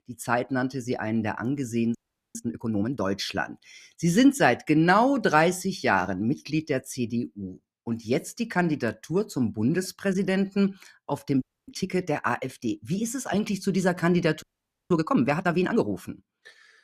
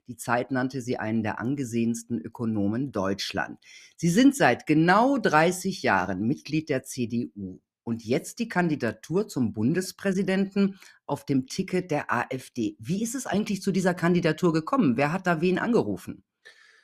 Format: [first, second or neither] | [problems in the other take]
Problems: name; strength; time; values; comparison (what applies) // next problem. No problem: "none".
second | audio freezing; at 2 s, at 11 s and at 14 s